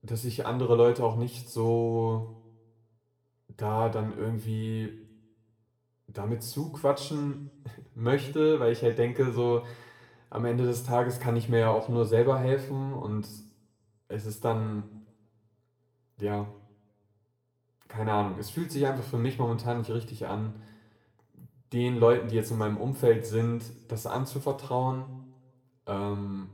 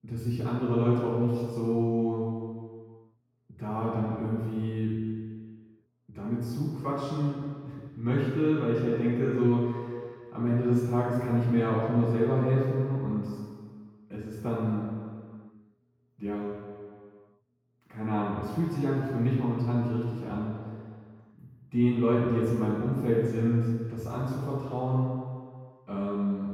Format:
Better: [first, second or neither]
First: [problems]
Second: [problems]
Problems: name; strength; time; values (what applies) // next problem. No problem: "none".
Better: first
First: room echo; slight; dies away in 0.6 s // off-mic speech; somewhat distant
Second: room echo; strong; dies away in 2 s // off-mic speech; far